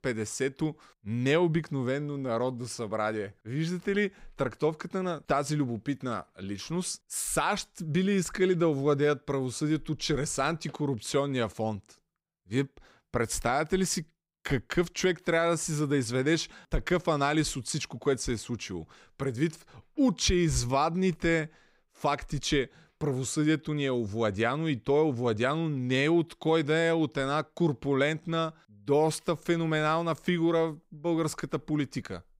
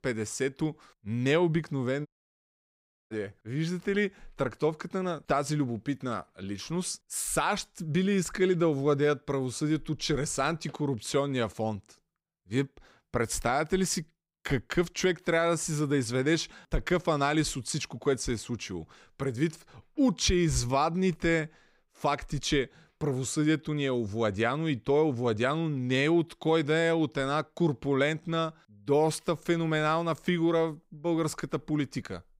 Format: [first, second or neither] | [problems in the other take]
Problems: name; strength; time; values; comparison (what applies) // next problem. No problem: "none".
first | audio cutting out; at 2 s for 1 s